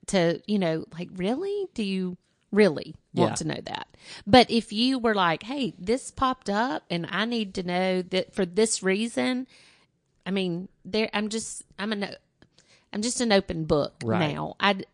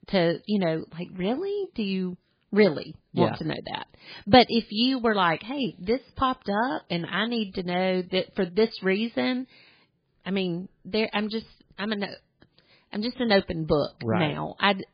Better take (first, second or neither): first